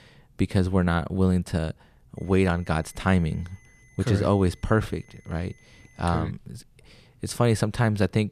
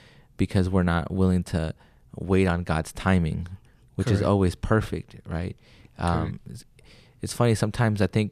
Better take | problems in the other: second | high-pitched whine; faint; from 2 to 6 s; 2 kHz, 30 dB below the speech

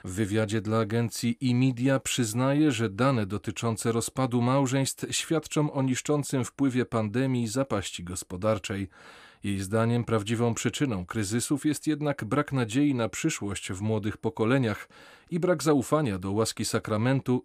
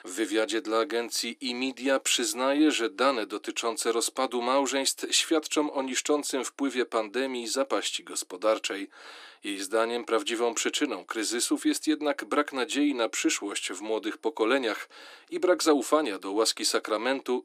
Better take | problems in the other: first | thin; somewhat; fading below 300 Hz

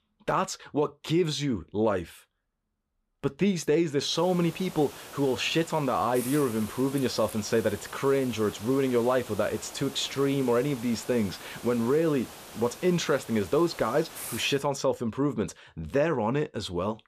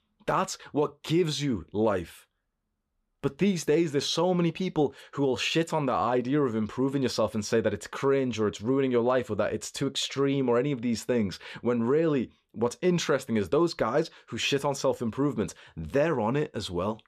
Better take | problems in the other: second | hiss; noticeable; from 4 to 15 s; 15 dB below the speech

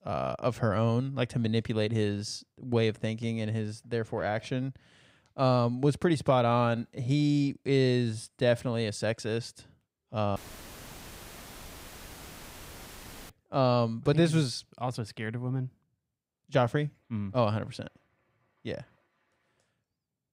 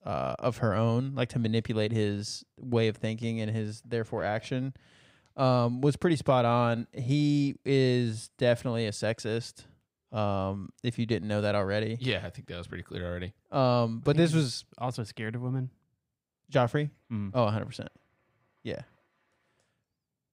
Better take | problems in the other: second | audio cutting out; filled with static; at 10 s for 3 s

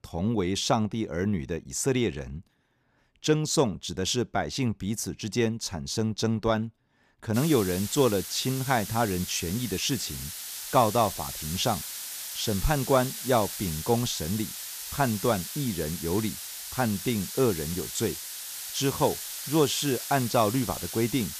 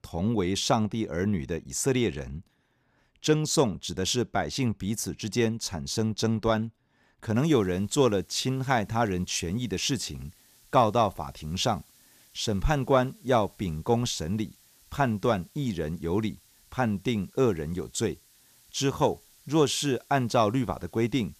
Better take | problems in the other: second | hiss; loud; from 7.5 s on; 7 dB below the speech; faint in the second

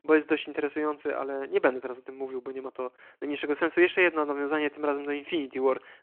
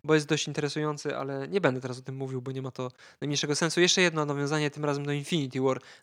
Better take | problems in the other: second | phone-call audio

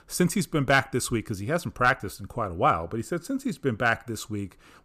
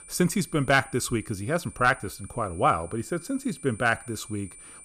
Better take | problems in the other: first | high-pitched whine; noticeable; throughout; 9 kHz, 20 dB below the speech

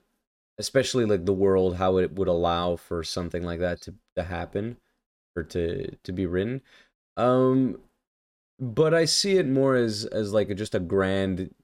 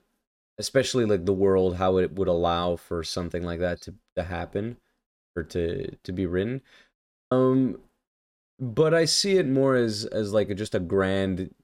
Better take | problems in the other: first | audio freezing; at 7 s

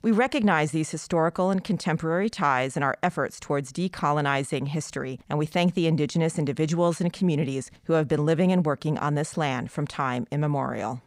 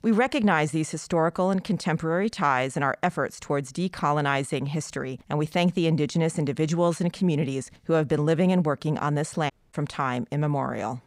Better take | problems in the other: first | audio cutting out; at 9.5 s

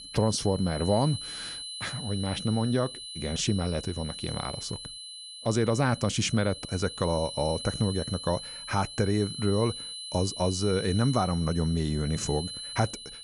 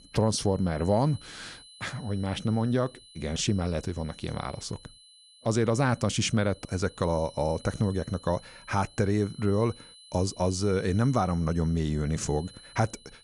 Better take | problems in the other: second | high-pitched whine; loud; throughout; 4 kHz, 9 dB below the speech; faint in the second

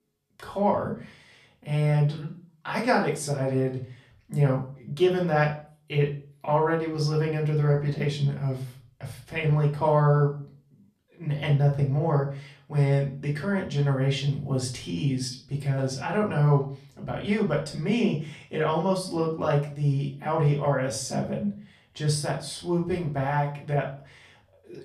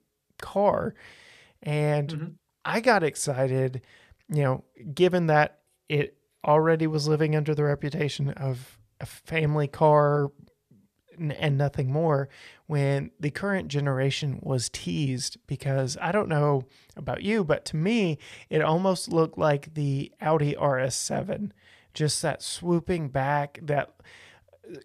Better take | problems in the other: second | off-mic speech; far // room echo; slight; dies away in 0.4 s

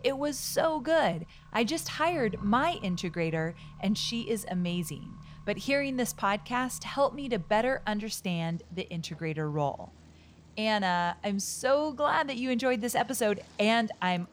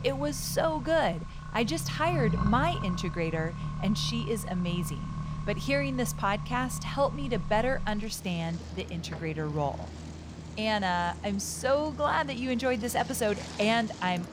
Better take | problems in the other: first | traffic noise; loud; throughout; 7 dB below the speech; faint in the first

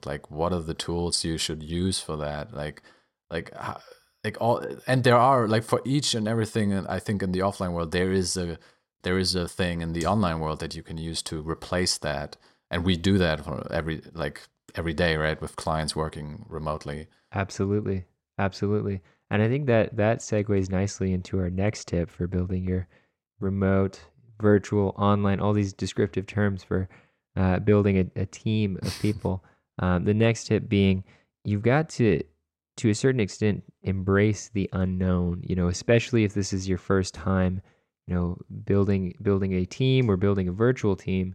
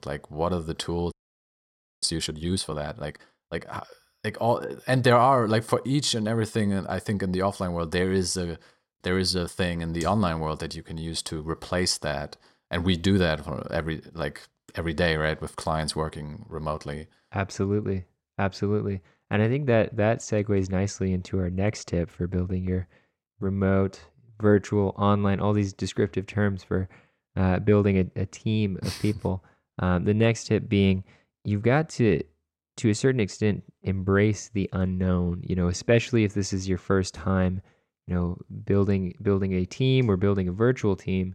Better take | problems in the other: first | audio freezing; at 1 s for 1 s

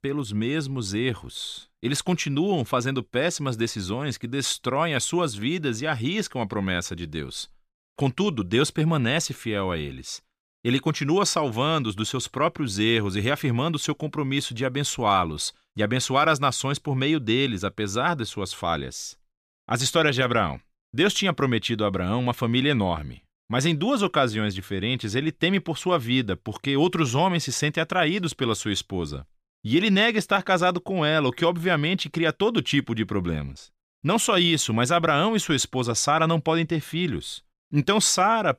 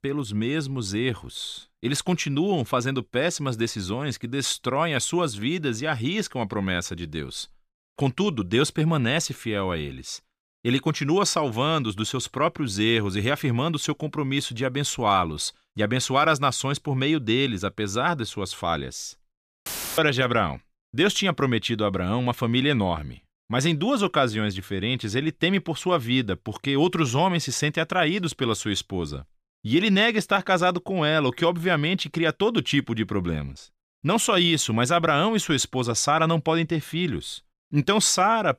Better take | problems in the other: first | audio cutting out; filled with static; at 20 s

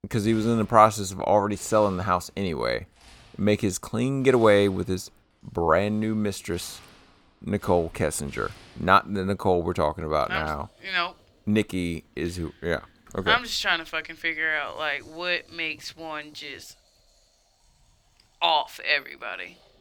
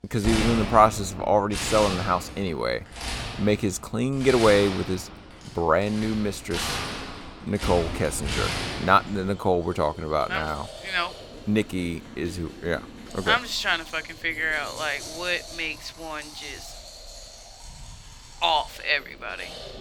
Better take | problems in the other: first | household noises; loud; throughout; 9 dB below the speech; faint in the first

